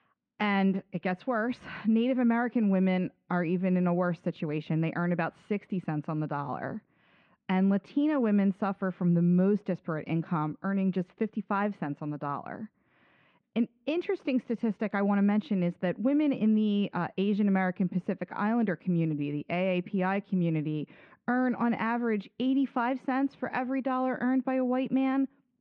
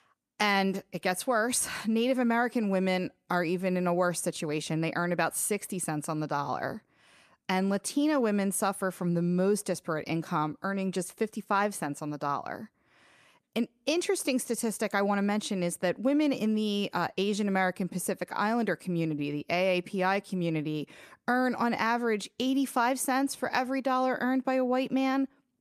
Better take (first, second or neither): second